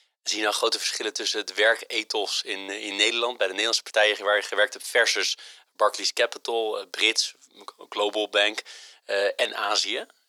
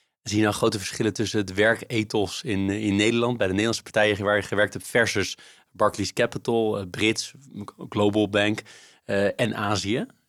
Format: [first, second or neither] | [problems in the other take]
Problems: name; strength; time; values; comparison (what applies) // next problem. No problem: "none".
second | thin; very; fading below 450 Hz